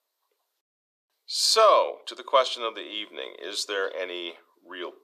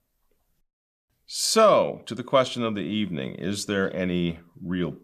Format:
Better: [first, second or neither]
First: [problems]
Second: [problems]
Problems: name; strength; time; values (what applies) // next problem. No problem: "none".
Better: second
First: thin; very; fading below 350 Hz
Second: none